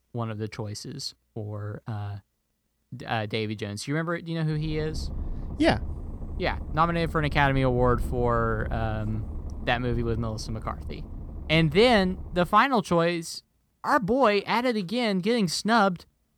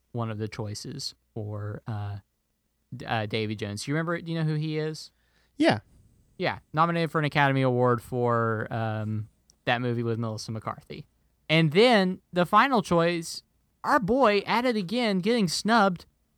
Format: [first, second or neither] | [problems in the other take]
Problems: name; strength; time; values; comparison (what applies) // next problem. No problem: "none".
second | low rumble; faint; from 4.5 to 12 s; 25 dB below the speech